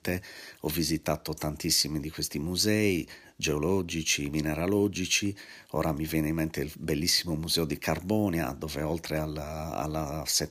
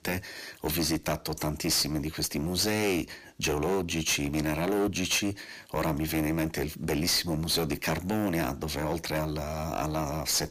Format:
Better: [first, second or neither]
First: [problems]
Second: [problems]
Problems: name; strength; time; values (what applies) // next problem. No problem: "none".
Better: first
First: none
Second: distortion; heavy; 13% of the sound clipped